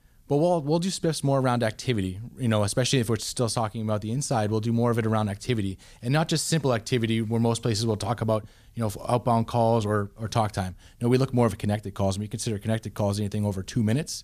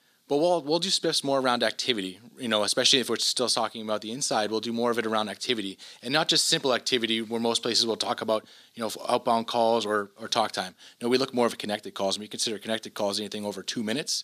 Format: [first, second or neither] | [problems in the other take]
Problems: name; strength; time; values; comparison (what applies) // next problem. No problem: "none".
first | thin; somewhat; fading below 250 Hz